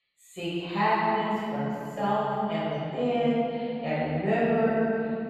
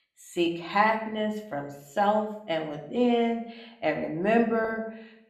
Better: second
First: room echo; strong; dies away in 3 s // off-mic speech; far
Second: room echo; slight; dies away in 0.5 s // off-mic speech; somewhat distant

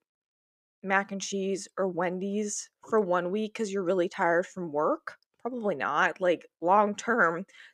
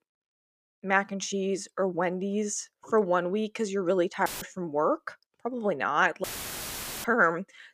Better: first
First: none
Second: audio cutting out; filled with static; at 4.5 s and at 6 s for 1 s

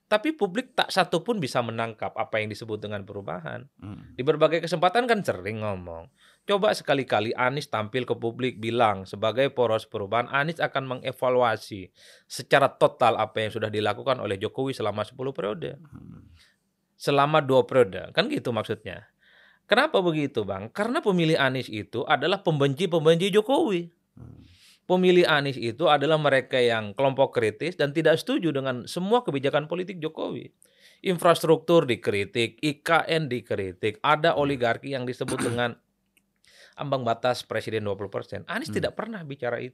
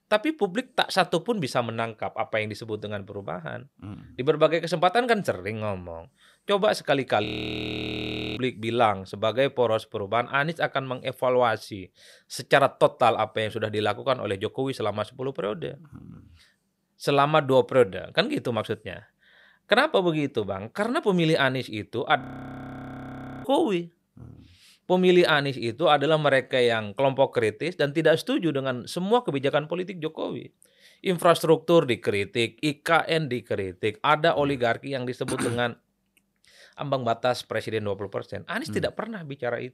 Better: first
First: none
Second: audio freezing; at 7.5 s for 1 s and at 22 s for 1 s

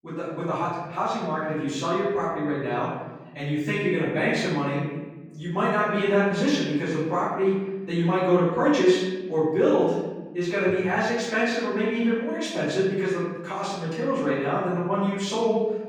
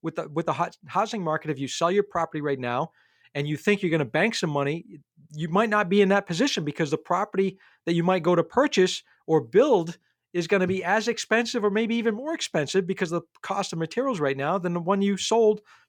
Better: second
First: off-mic speech; far // room echo; noticeable; dies away in 1.1 s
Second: none

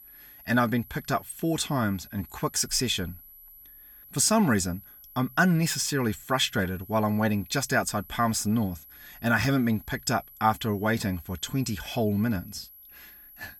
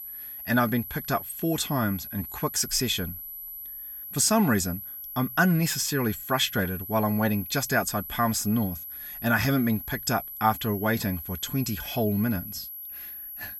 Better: first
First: high-pitched whine; faint; throughout; 12 kHz, 20 dB below the speech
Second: high-pitched whine; loud; throughout; 12 kHz, 9 dB below the speech

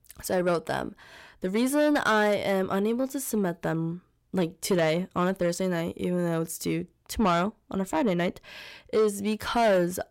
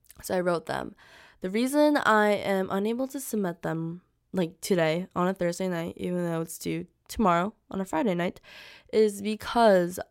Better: second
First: distortion; slight; 10 dB below the speech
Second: none

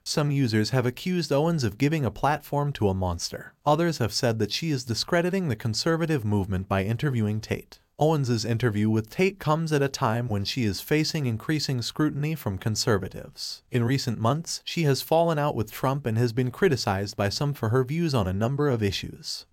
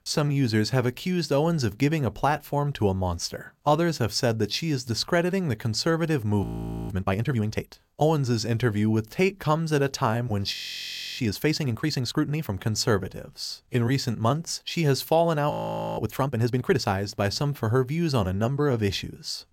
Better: first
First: none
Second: audio freezing; at 6.5 s, at 11 s for 0.5 s and at 16 s

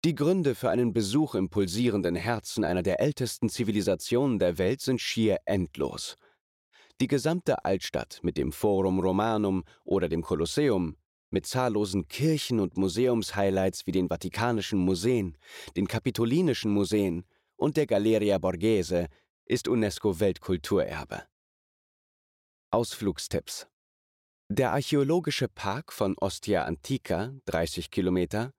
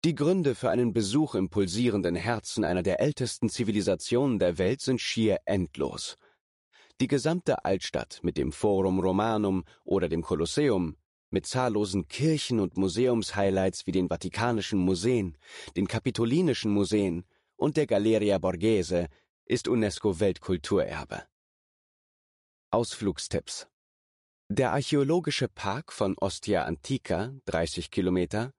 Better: first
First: none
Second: garbled, watery; slightly; nothing above 11 kHz

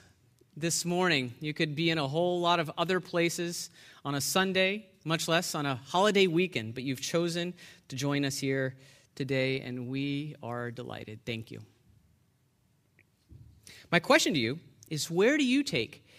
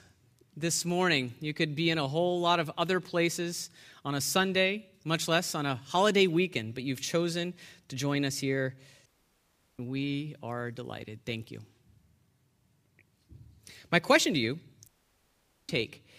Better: first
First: none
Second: audio cutting out; at 9 s for 0.5 s and at 15 s for 1 s

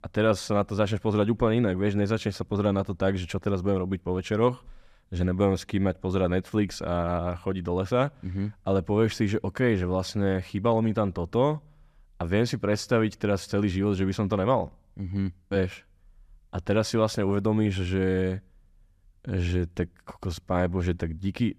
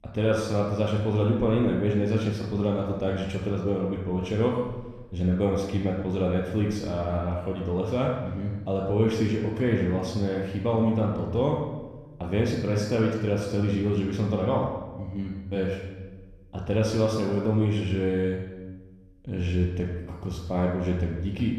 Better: first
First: none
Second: off-mic speech; somewhat distant // room echo; noticeable; dies away in 1.1 s

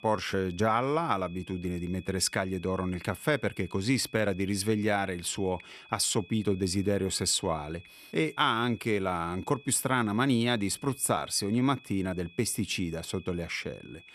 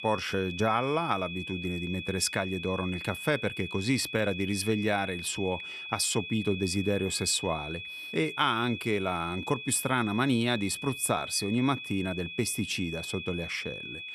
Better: first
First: high-pitched whine; faint; throughout; 2.5 kHz, 25 dB below the speech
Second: high-pitched whine; loud; throughout; 2.5 kHz, 8 dB below the speech

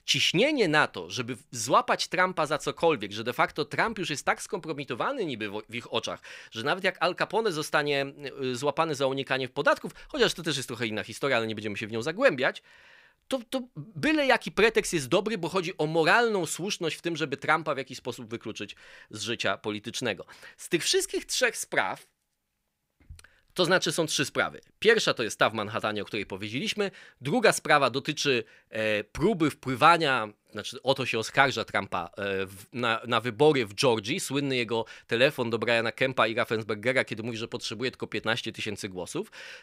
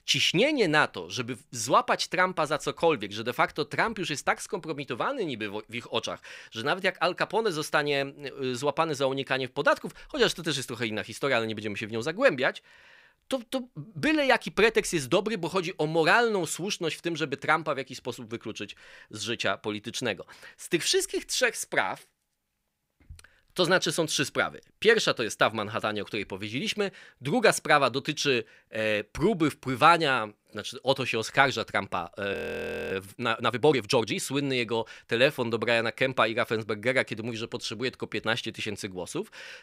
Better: first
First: none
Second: audio freezing; at 32 s for 0.5 s

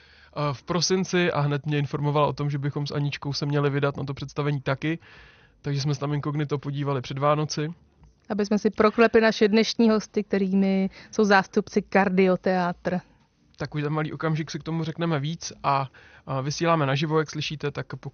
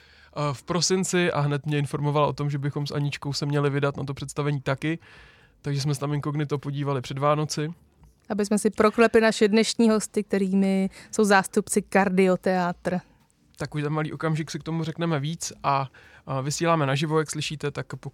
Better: second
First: garbled, watery; slightly; nothing above 6.5 kHz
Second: none

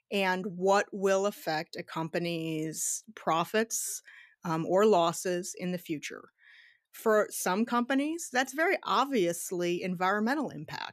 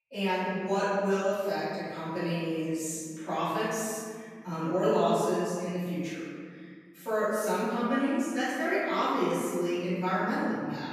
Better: first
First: none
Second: off-mic speech; far // room echo; strong; dies away in 2 s

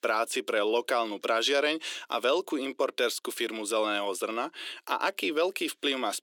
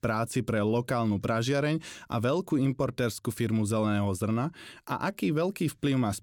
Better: second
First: thin; very; fading below 350 Hz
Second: none

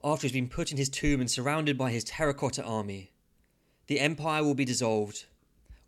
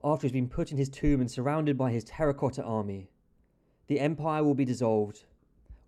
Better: first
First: none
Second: muffled; very; fading above 1.5 kHz

